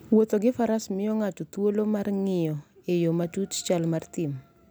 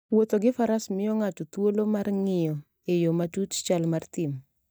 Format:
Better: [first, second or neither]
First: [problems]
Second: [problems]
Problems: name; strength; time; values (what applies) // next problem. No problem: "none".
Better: first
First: none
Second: noise reduction (neural mask model DeepFilterNet 3)